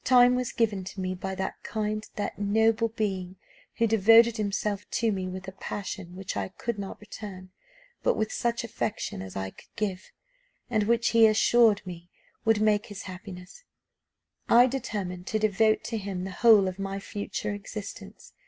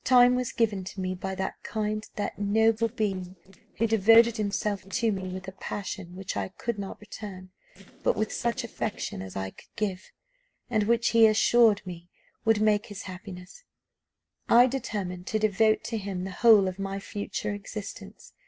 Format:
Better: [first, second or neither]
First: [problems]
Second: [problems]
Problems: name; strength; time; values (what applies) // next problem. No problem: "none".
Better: first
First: none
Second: noise reduction (neural separator model SepFormer DNS4)